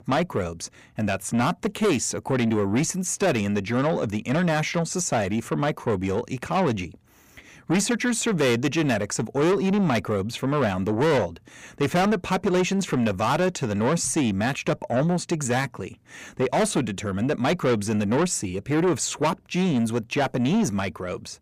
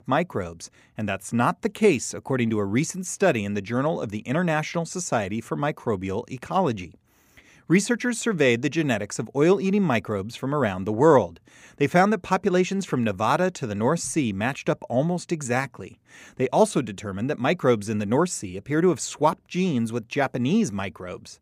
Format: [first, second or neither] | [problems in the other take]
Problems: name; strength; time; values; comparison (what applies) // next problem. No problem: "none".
second | distortion; heavy; 7 dB below the speech